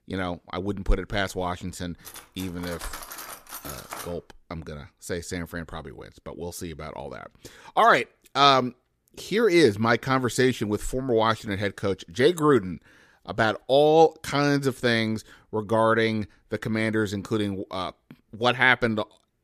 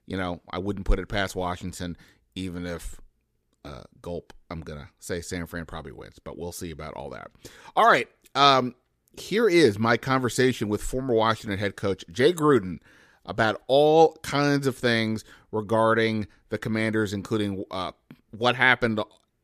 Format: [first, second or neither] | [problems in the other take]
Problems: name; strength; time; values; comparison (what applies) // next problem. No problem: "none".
second | clattering dishes; faint; from 2 to 4 s; peak 15 dB below the speech